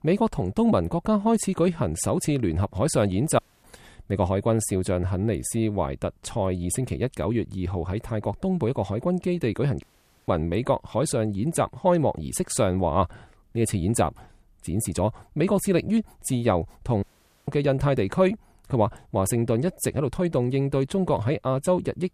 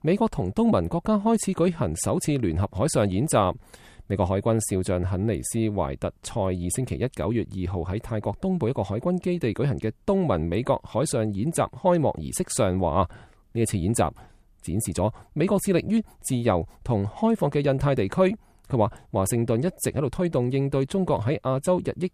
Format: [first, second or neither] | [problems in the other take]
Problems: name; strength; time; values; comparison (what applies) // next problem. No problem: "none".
second | audio cutting out; at 3.5 s, at 10 s and at 17 s